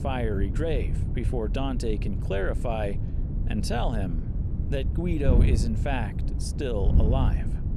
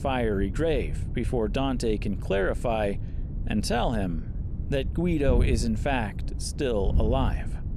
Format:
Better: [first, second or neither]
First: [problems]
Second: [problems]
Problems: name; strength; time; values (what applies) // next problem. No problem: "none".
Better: second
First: wind noise on the microphone; heavy; 9 dB below the speech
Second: wind noise on the microphone; occasional gusts; 15 dB below the speech